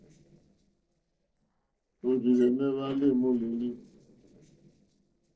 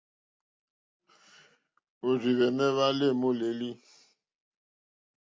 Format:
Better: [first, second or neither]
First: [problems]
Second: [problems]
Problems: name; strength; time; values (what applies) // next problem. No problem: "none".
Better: second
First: noise reduction (neural separator model SepFormer DNS4)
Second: none